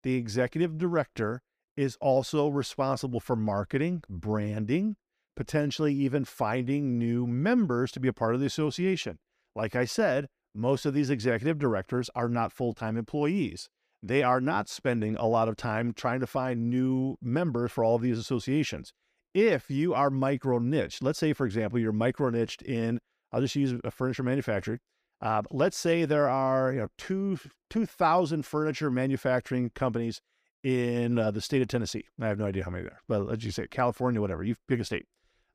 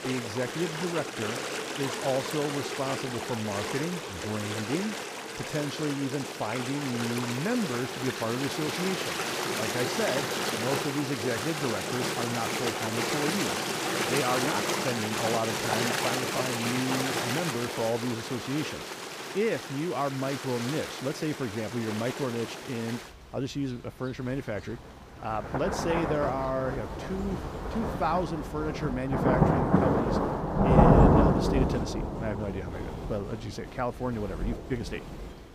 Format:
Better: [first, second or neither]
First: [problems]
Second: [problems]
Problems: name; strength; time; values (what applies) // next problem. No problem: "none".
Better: first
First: none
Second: rain or running water; very loud; throughout; 3 dB above the speech